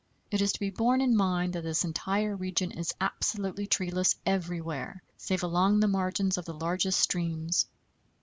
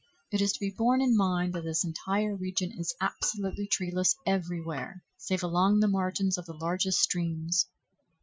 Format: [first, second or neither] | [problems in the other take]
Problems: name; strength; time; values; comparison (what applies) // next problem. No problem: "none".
first | noise reduction (classical method Wiener filter)